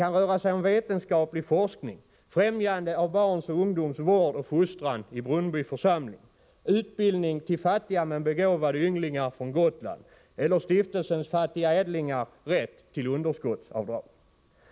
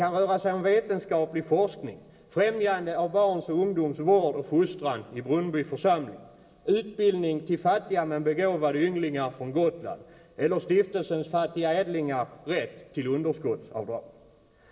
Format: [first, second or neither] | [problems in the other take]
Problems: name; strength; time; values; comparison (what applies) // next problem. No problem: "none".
first | room echo; dies away in 1.8 s